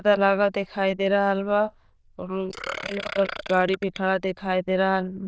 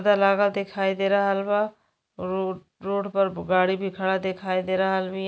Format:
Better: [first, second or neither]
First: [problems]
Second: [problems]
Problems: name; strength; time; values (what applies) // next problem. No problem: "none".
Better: second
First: noise reduction (neural diffusion model UNIVERSE++)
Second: none